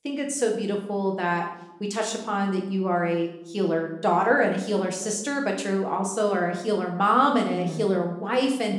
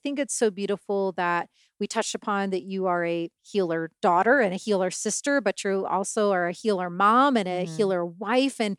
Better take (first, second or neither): second